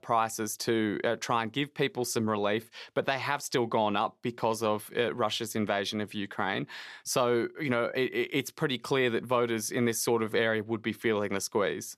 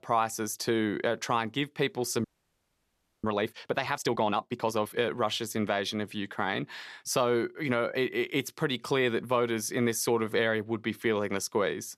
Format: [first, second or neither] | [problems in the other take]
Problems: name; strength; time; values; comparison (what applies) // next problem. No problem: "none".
first | audio freezing; at 2 s for 1 s